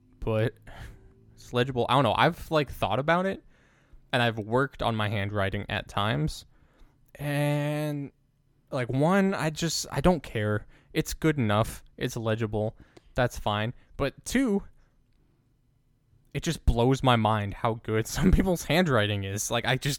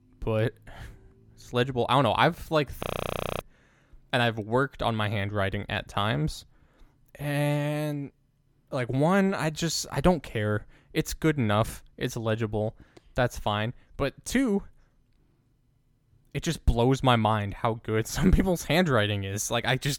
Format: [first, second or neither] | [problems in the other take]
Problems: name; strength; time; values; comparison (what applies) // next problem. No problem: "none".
first | audio freezing; at 3 s for 0.5 s